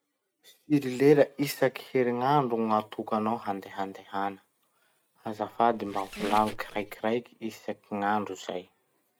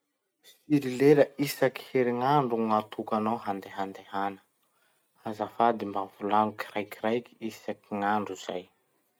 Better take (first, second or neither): second